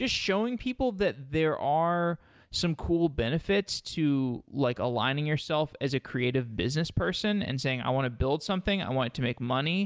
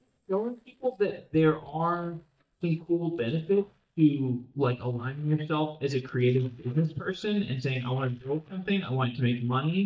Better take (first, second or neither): first